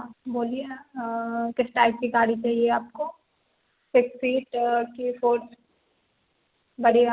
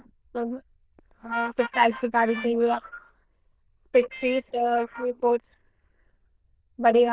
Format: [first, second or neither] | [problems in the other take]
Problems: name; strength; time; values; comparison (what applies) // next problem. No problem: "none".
first | noise reduction (neural diffusion model UNIVERSE++)